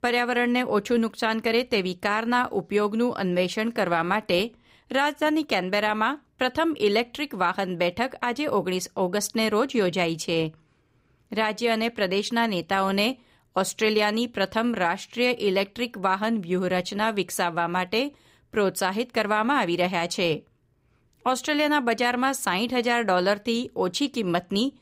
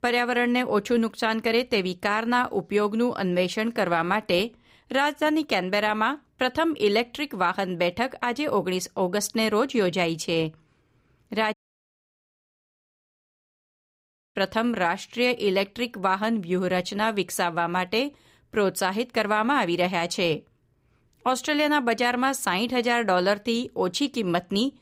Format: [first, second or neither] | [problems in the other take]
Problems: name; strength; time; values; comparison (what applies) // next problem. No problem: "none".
first | audio cutting out; at 12 s for 3 s